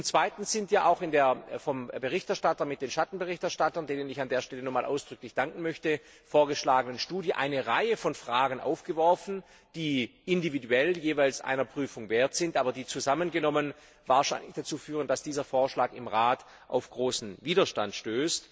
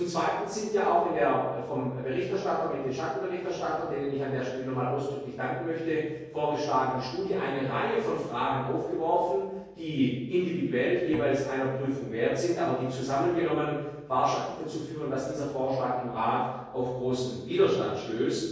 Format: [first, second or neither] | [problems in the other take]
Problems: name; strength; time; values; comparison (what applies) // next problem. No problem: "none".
first | noise reduction (neural separator model SepFormer DNS4)